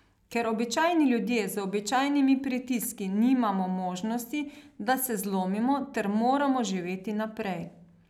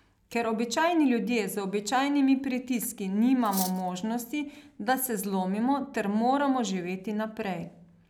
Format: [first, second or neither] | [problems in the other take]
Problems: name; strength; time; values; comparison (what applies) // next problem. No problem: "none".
first | background sound (Cutlery, silverware); 10 dB below the speech